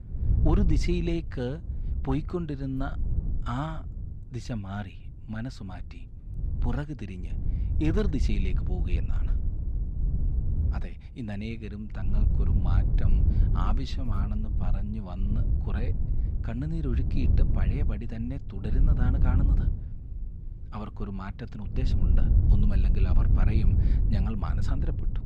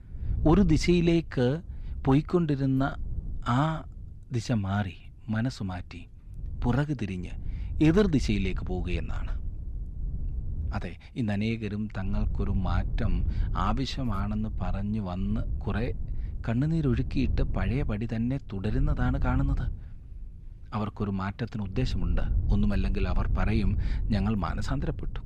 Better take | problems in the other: second | wind noise on the microphone; heavy; 5 dB below the speech; occasional gusts in the second

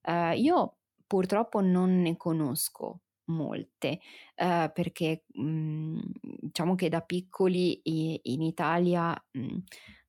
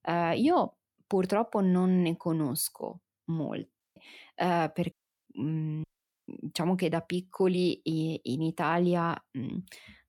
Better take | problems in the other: first | audio cutting out; at 4 s, at 5 s and at 6 s

